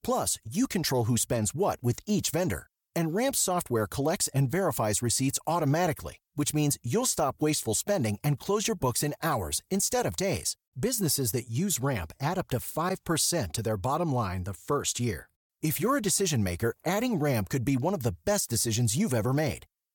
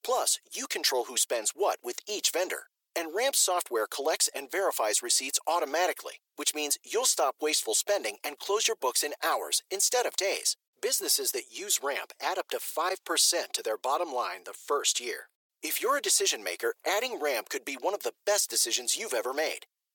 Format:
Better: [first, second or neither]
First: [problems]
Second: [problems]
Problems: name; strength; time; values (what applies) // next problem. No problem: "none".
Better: first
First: none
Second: thin; very; fading below 350 Hz